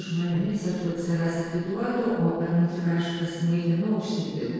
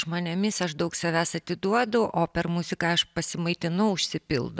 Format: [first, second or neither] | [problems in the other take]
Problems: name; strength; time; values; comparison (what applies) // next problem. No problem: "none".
second | noise reduction (neural separator model SepFormer DNS4)